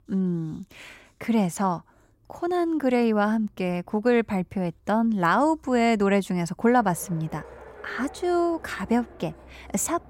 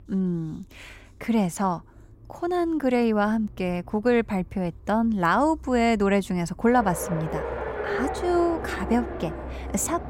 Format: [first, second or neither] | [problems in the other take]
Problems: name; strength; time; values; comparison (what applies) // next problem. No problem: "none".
first | traffic noise; loud; throughout; 9 dB below the speech; faint in the first